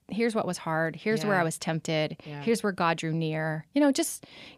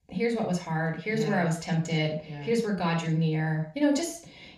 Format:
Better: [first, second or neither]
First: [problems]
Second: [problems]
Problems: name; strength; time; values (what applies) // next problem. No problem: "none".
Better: first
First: none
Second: room echo; noticeable; dies away in 0.4 s // off-mic speech; far